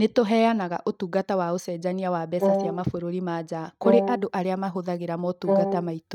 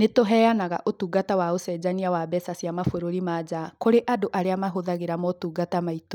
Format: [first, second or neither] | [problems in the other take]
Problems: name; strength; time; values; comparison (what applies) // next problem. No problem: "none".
second | noise reduction (neural mask model RNNoise)